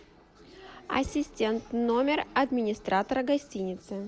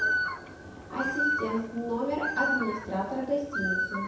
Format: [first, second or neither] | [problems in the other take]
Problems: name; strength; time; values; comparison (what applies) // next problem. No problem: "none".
first | background sound (Bird); 1 dB above the speech // room echo; dies away in 0.7 s